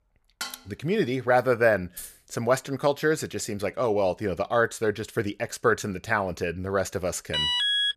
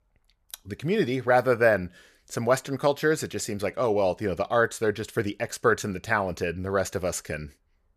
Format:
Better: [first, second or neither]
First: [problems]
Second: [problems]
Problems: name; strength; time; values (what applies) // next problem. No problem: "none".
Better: second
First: clattering dishes; noticeable; at 0.5 s; peak 10 dB below the speech // jangling keys; faint; at 2 s; peak 15 dB below the speech // alarm; loud; at 7.5 s; peak 5 dB above the speech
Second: none